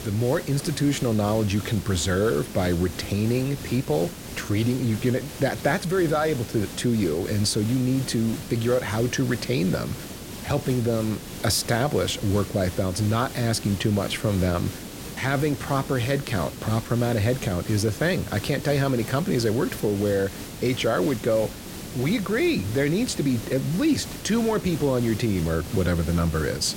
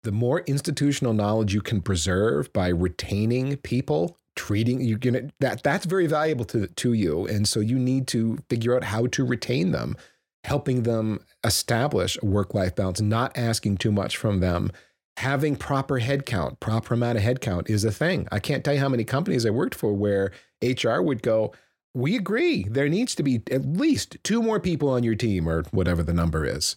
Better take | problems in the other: second | hiss; noticeable; throughout; 10 dB below the speech

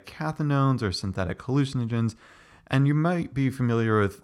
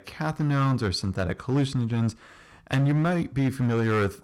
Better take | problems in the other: first | distortion; slight; 9% of the sound clipped

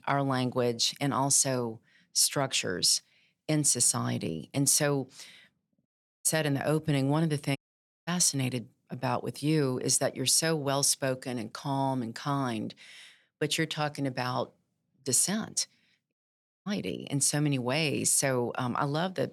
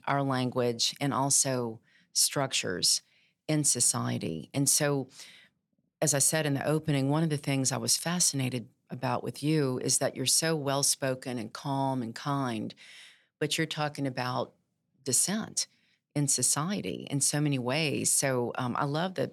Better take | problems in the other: second | audio cutting out; at 6 s, at 7.5 s for 0.5 s and at 16 s for 0.5 s

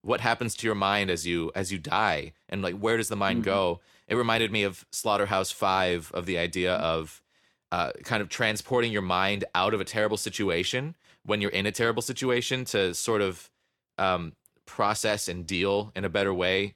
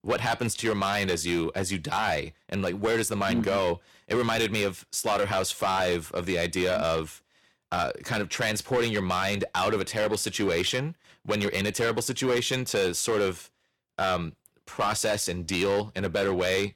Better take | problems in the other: first | distortion; heavy; 8% of the sound clipped

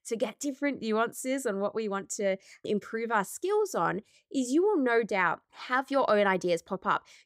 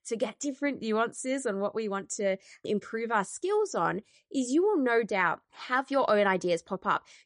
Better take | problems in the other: first | garbled, watery; slightly; nothing above 10.5 kHz

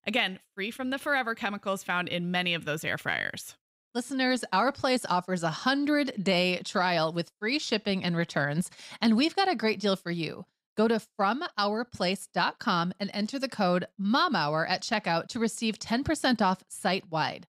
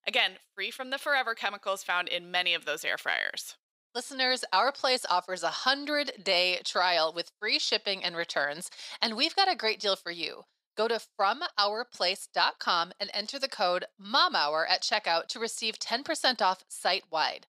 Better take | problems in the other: first | thin; very; fading below 550 Hz

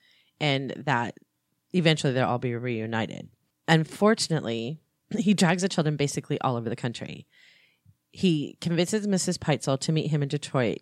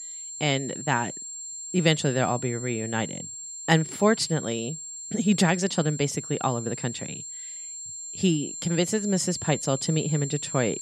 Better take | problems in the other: first | high-pitched whine; loud; throughout; 7.5 kHz, 8 dB below the speech

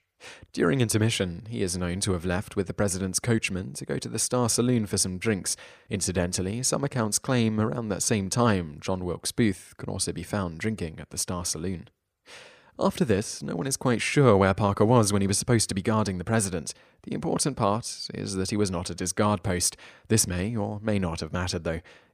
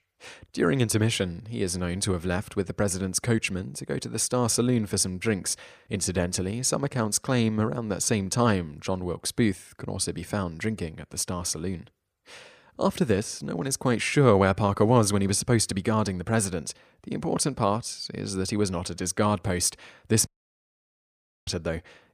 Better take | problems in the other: first | audio cutting out; at 20 s for 1 s

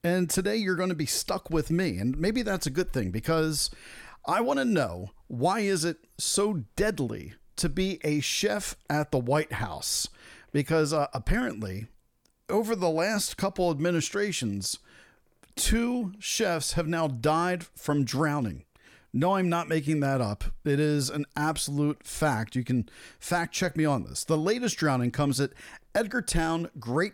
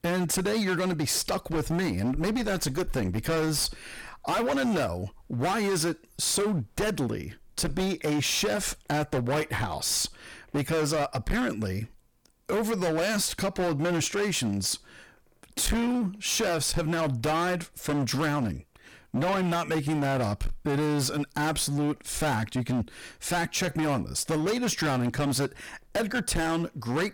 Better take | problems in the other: first | distortion; heavy; 23% of the sound clipped

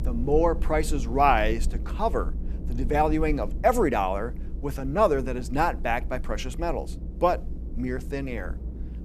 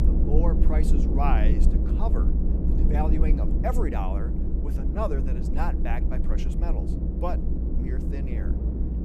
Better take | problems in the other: first | low rumble; loud; throughout; 4 dB below the speech; faint in the first

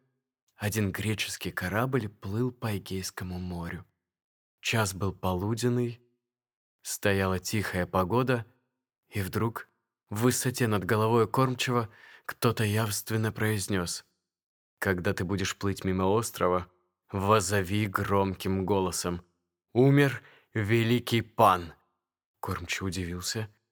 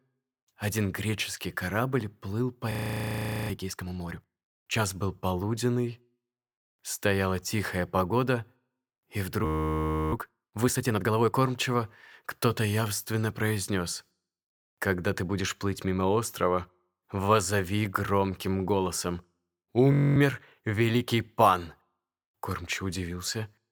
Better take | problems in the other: first | audio freezing; at 2.5 s for 1 s, at 9.5 s for 0.5 s and at 20 s

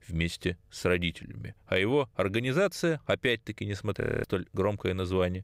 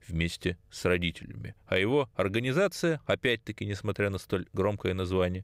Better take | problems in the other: second | audio freezing; at 4 s

